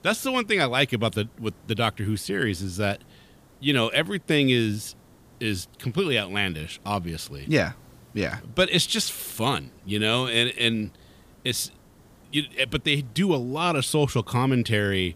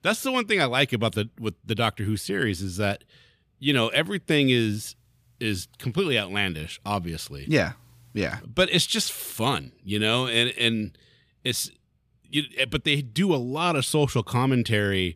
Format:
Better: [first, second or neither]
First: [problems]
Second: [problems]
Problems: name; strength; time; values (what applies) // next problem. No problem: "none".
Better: second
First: hiss; faint; throughout; 30 dB below the speech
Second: none